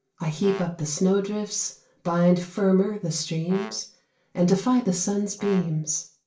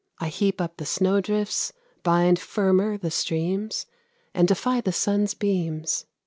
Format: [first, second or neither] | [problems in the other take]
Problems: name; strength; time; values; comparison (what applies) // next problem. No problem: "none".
second | background sound (Brass instrument); 19 dB below the speech // room echo; dies away in 0.3 s